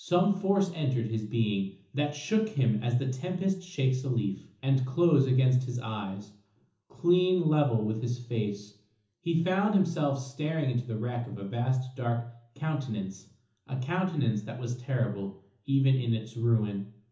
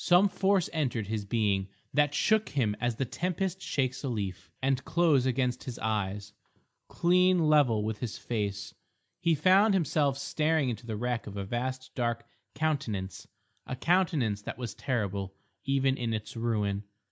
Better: second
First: room echo; dies away in 0.7 s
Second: none

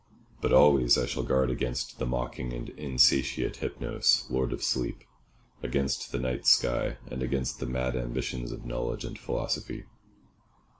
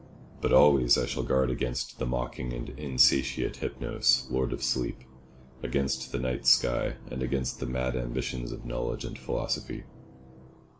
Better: first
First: none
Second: background sound (Musical instrument); 20 dB below the speech

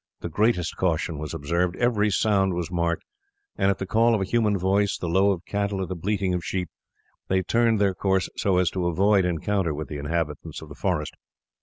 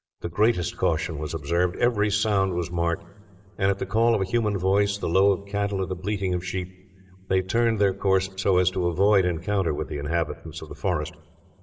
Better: first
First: none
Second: room echo; dies away in 2.2 s

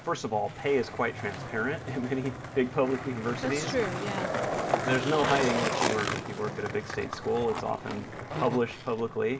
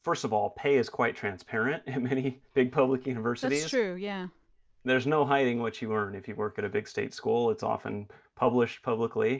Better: second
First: background sound (Skateboard); 3 dB below the speech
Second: none

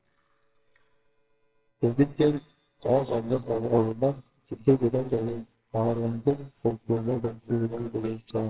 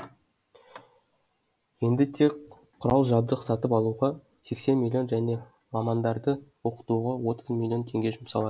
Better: second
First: noise reduction (neural separator model SepFormer WHAMR!)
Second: none

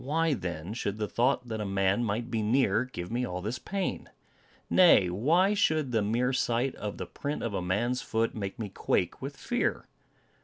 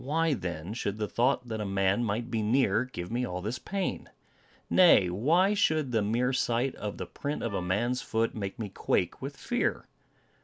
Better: first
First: none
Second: background sound (Wind instrument, woodwind instrument); 20 dB below the speech

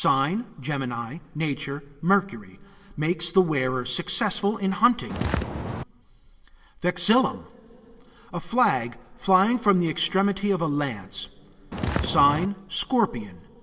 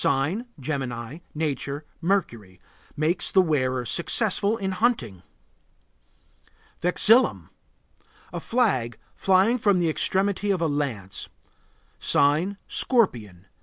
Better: second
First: background sound (Walk, footsteps); 2 dB below the speech // room echo; dies away in 2.8 s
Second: none

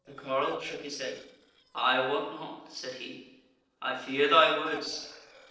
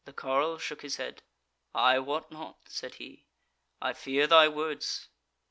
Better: second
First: noise reduction (neural separator model SepFormer DNS4)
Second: none

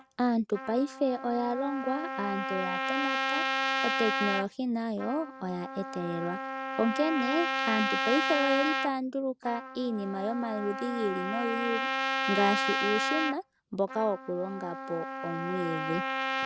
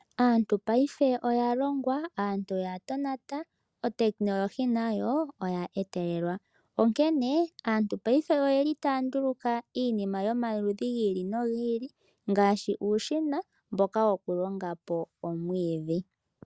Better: second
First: background sound (Trumpet); 1 dB below the speech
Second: none

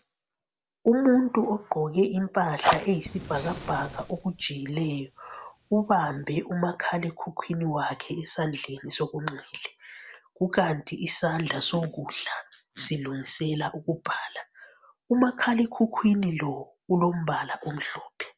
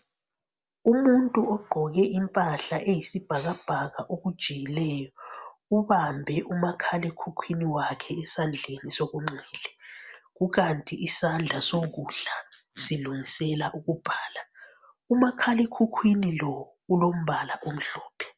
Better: second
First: background sound (Fire); 6 dB below the speech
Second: none

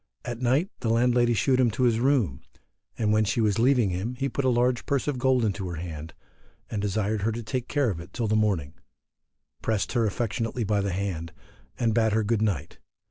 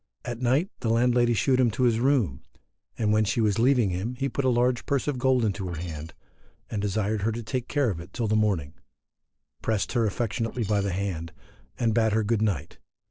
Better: first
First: none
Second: noise reduction (neural separator model SepFormer DNS4)

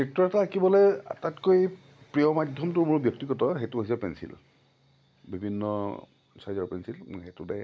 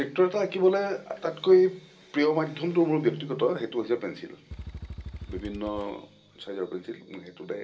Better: first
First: none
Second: background sound (Motorcycle / Engine); 14 dB below the speech // room echo; dies away in 0.2 s

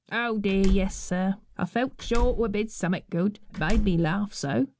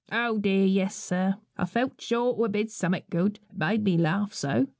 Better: second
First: background sound (Slam); 3 dB below the speech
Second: none

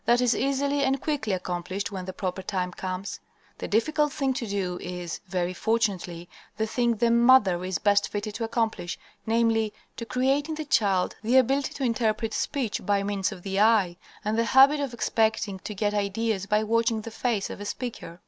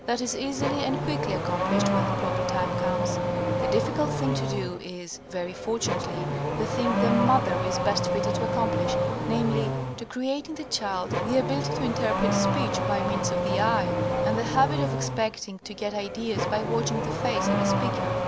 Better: first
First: none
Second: background sound (Accelerating, revving, vroom / Car); 3 dB above the speech

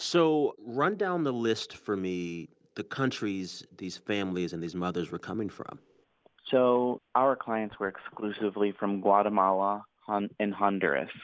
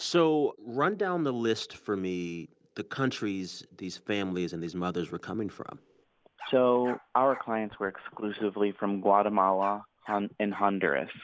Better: first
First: none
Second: background sound (Bark); 18 dB below the speech

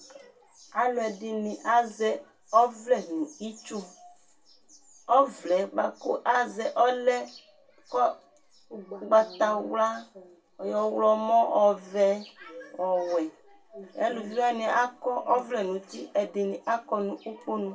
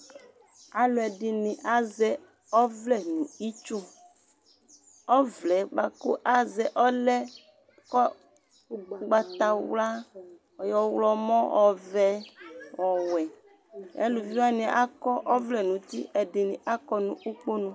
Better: second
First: room echo; dies away in 0.2 s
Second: none

